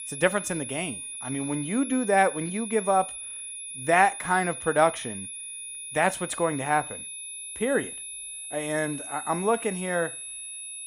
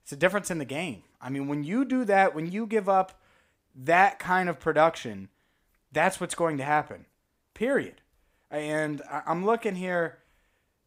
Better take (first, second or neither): second